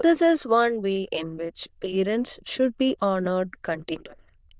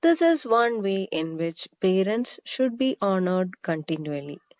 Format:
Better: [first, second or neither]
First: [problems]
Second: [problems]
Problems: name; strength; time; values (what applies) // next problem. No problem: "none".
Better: second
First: noise reduction (neural diffusion model UNIVERSE++)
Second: none